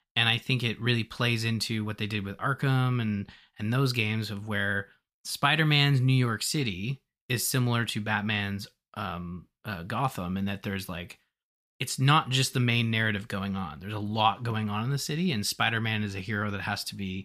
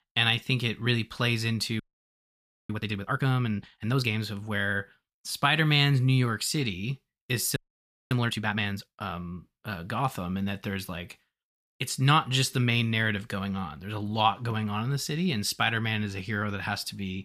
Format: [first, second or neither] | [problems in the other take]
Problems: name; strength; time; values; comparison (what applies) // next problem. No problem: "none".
first | audio freezing; at 2 s for 1 s and at 7.5 s for 0.5 s